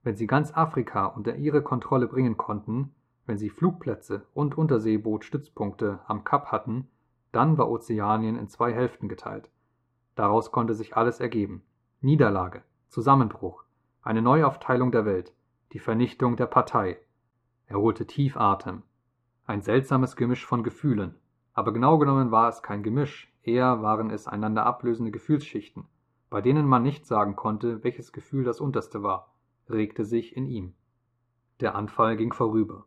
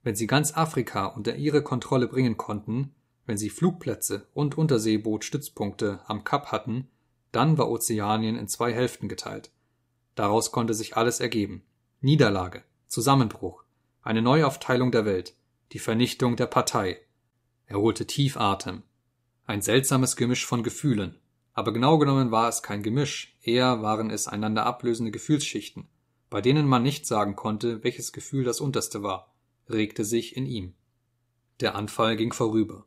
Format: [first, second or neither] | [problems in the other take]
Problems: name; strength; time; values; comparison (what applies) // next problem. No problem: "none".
second | muffled; very; fading above 3.5 kHz